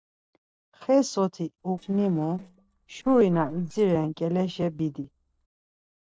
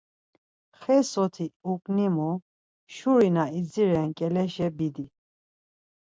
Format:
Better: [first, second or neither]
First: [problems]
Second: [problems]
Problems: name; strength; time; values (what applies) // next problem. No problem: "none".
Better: second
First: noise reduction (neural separator model SepFormer DNS4)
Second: none